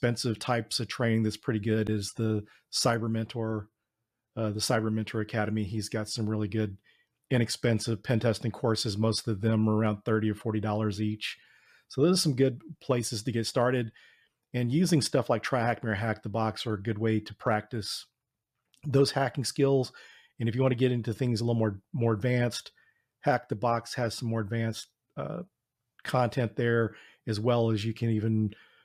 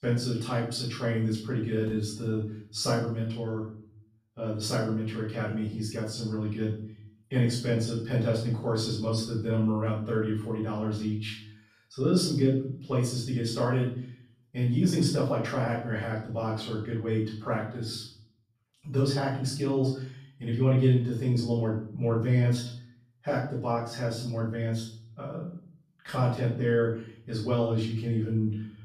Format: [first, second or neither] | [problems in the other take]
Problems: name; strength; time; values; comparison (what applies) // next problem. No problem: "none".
first | room echo; noticeable; dies away in 0.5 s // off-mic speech; far